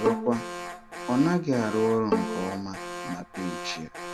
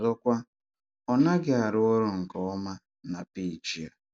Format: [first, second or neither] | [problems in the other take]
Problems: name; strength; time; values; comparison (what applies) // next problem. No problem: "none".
second | background sound (Bowed string instrument + Alarm); 5 dB below the speech